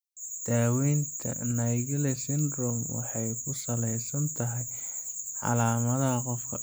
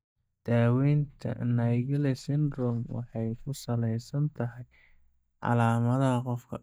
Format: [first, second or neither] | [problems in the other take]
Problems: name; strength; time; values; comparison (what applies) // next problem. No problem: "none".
first | noise reduction (neural mask model DeepFilterNet 3)